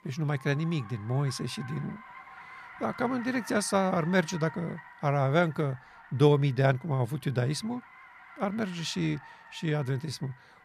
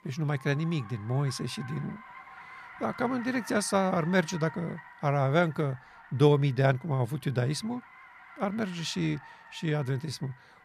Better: neither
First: traffic noise; noticeable; throughout; 20 dB below the speech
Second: traffic noise; noticeable; throughout; 20 dB below the speech

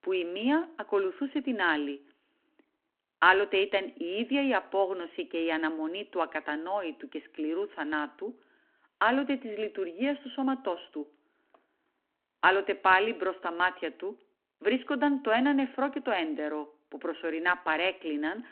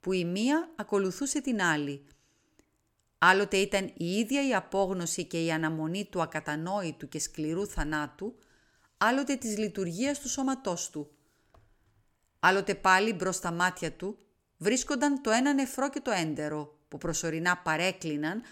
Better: second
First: phone-call audio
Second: none

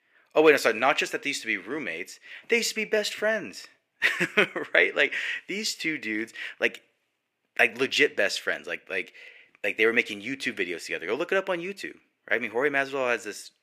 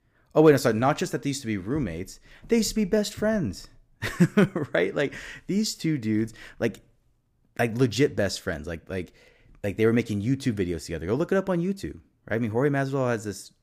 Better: second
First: thin; somewhat; fading below 450 Hz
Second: none

